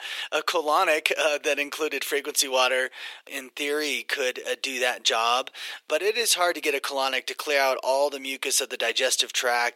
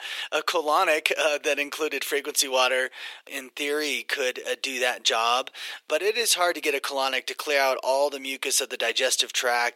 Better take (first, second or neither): neither